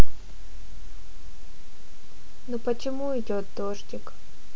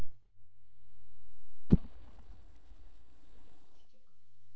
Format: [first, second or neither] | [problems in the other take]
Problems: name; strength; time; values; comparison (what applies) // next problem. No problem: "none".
first | noise reduction (neural mask model DeepFilterNet 3)